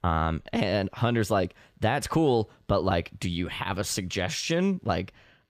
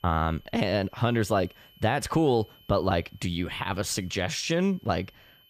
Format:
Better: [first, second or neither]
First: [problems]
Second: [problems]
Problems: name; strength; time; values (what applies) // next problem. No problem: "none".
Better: first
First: none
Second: high-pitched whine; faint; throughout; 3 kHz, 30 dB below the speech